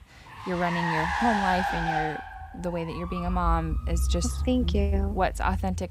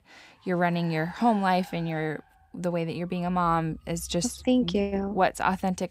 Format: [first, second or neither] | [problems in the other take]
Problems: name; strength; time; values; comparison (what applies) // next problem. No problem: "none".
second | traffic noise; loud; throughout; 1 dB below the speech; faint in the second